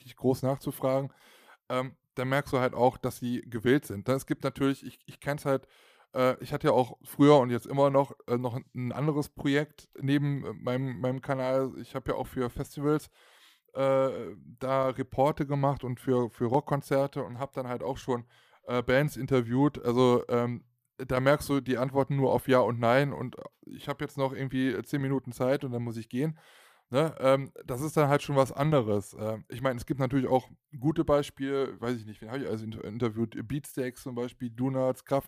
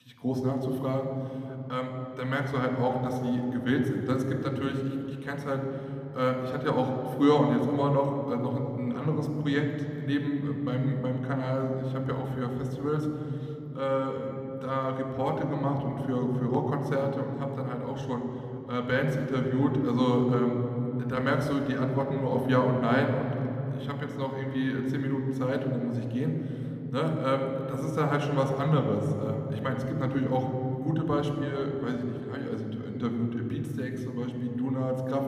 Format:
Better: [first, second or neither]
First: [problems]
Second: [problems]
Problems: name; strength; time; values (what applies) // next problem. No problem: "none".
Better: first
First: none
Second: room echo; noticeable; dies away in 3 s